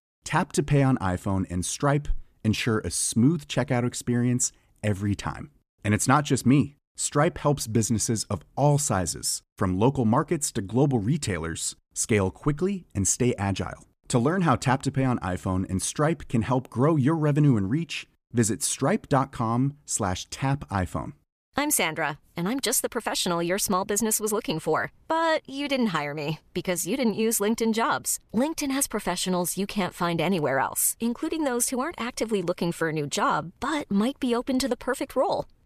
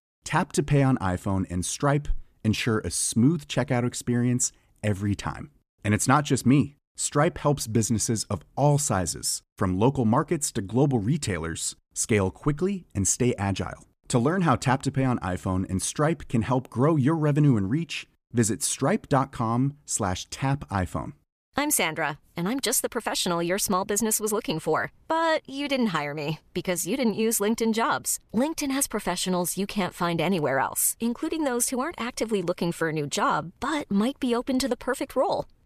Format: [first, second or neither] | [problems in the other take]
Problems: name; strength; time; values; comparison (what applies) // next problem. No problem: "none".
neither | none